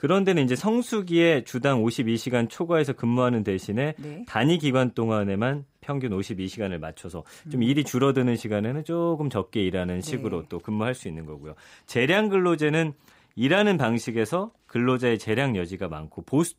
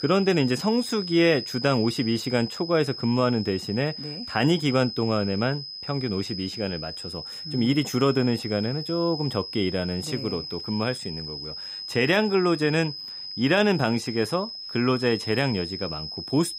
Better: first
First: none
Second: high-pitched whine; loud; throughout; 5 kHz, 8 dB below the speech

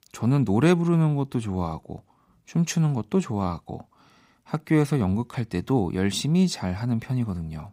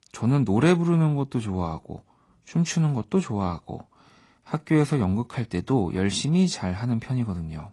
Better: first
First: none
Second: garbled, watery; slightly

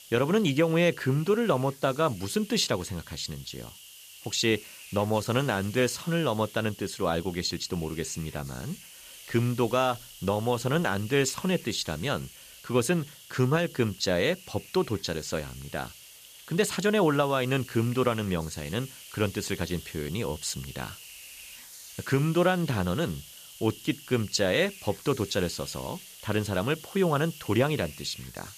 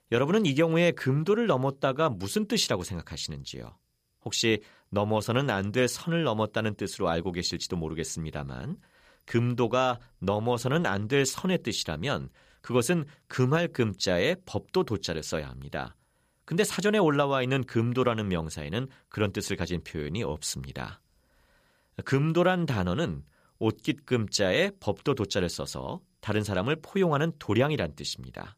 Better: second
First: hiss; noticeable; throughout; 15 dB below the speech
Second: none

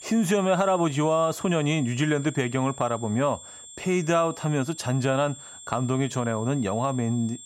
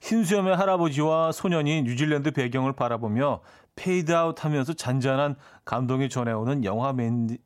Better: second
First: high-pitched whine; noticeable; throughout; 7.5 kHz, 15 dB below the speech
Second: none

